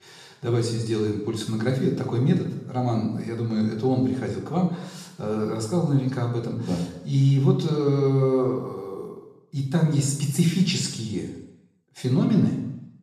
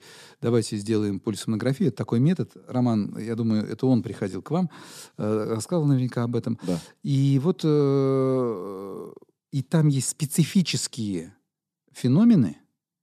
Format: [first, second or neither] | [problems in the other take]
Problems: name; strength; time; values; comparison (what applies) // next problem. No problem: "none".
second | room echo; noticeable; dies away in 0.8 s // off-mic speech; far